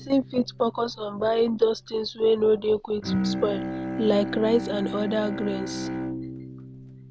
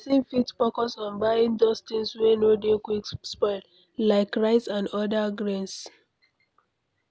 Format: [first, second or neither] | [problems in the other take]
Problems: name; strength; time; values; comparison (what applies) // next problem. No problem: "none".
second | background sound (Bowed string instrument); 7 dB below the speech